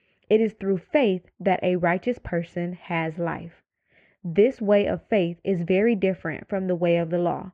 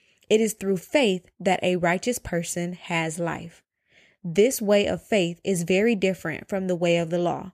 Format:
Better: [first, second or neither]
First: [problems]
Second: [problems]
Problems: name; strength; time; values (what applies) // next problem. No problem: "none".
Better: second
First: muffled; very; fading above 2 kHz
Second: none